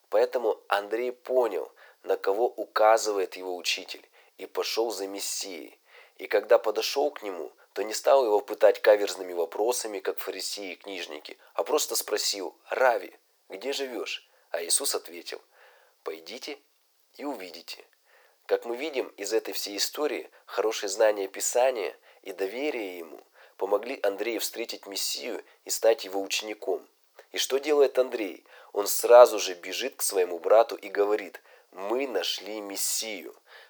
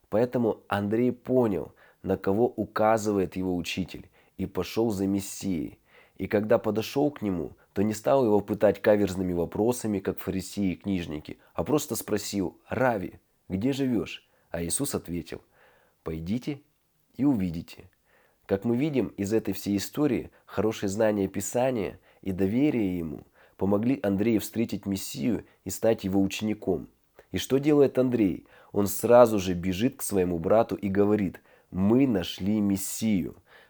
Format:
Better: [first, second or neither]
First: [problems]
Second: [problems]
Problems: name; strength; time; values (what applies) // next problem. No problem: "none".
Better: second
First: thin; very; fading below 400 Hz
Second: none